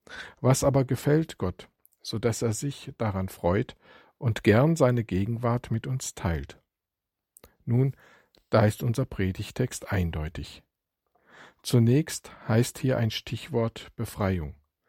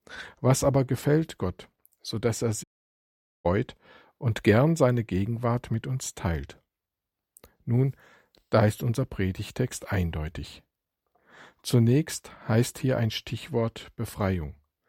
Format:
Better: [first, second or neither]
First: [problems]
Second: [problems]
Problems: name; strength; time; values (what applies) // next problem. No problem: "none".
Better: first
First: none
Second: audio cutting out; at 2.5 s for 1 s